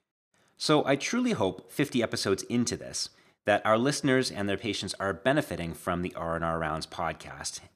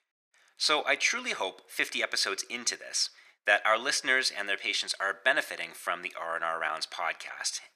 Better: first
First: none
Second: thin; very; fading below 700 Hz

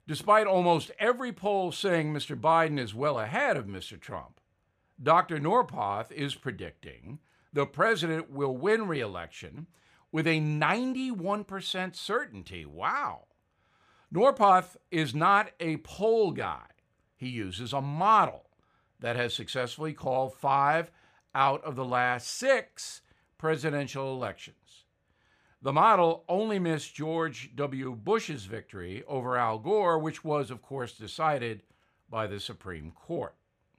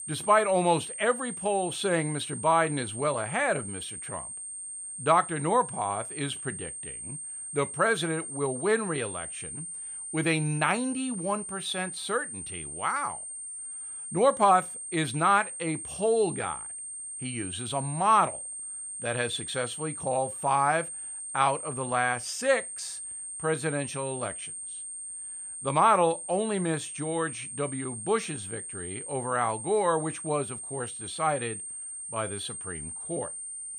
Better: first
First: none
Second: high-pitched whine; loud; throughout; 8.5 kHz, 7 dB below the speech

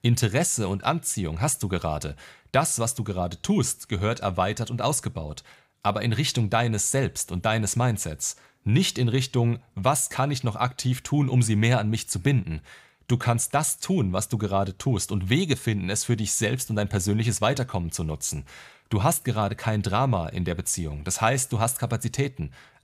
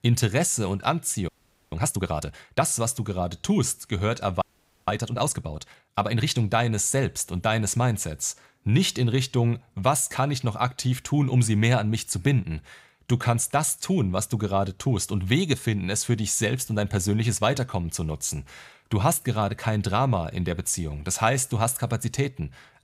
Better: first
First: none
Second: audio freezing; at 1.5 s and at 4.5 s

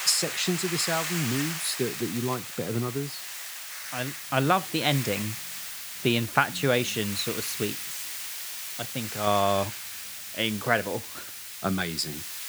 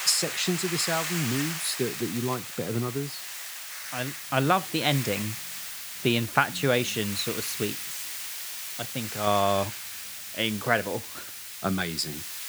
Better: neither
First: hiss; loud; throughout; 5 dB below the speech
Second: hiss; loud; throughout; 5 dB below the speech

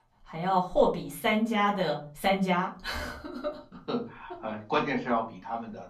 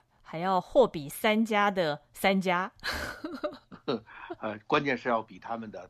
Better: second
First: off-mic speech; far // room echo; very slight; dies away in 0.3 s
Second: none

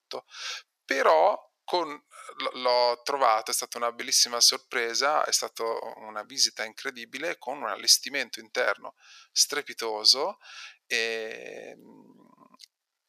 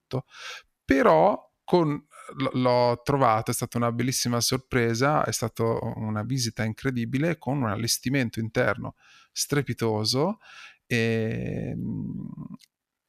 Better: second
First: thin; very; fading below 500 Hz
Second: none

